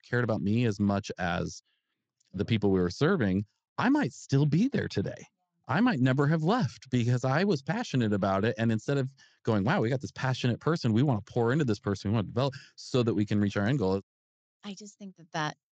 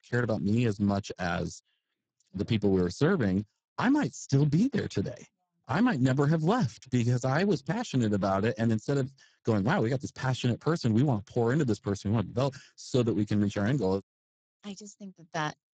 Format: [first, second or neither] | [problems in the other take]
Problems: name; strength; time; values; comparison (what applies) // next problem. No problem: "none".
first | garbled, watery; badly; nothing above 7.5 kHz; slightly in the first